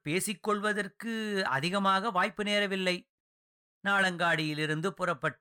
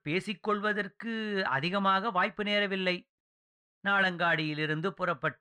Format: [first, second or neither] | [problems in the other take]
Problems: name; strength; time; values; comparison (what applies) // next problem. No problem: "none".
first | muffled; very slightly; fading above 3 kHz